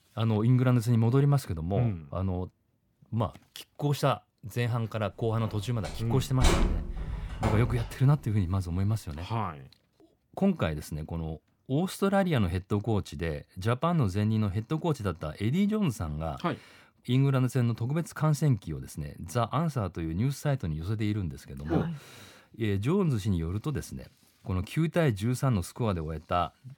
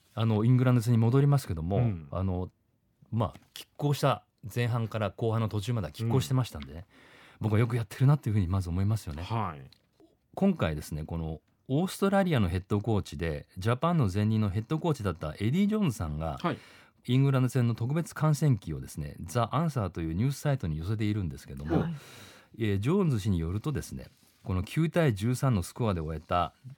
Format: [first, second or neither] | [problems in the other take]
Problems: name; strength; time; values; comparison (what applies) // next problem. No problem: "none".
second | door banging; loud; from 6 to 8 s; peak 3 dB above the speech